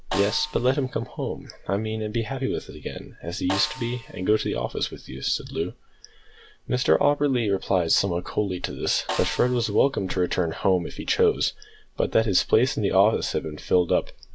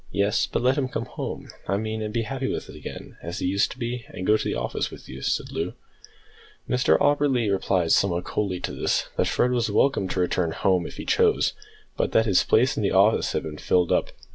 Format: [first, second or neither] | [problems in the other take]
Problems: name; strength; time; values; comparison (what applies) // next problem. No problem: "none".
second | background sound (Snare drum); 14 dB below the speech